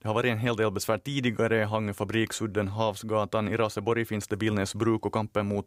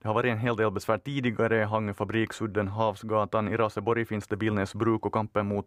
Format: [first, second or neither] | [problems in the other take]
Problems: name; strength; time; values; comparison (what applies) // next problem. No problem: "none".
first | muffled; slightly; fading above 3 kHz